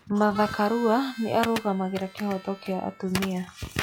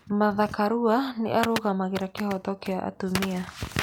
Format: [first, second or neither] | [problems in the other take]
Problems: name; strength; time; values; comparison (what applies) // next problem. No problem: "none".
second | noise reduction (classical method log-MMSE)